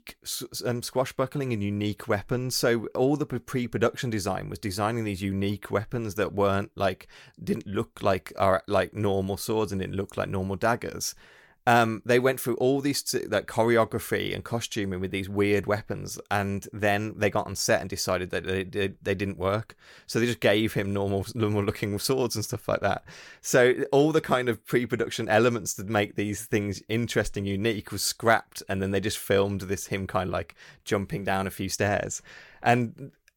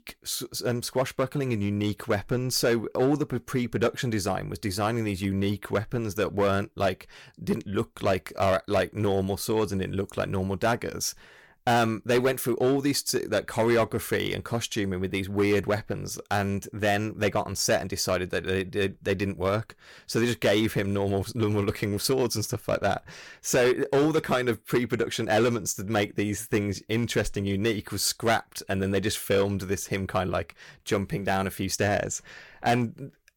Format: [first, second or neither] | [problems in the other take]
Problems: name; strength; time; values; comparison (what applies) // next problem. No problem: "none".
first | distortion; slight; 4% of the sound clipped